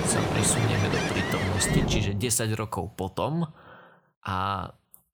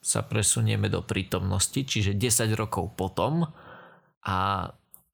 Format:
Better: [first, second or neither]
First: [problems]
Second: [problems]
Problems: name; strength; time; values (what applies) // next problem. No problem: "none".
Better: second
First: rain or running water; very loud; until 2 s; as loud as the speech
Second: none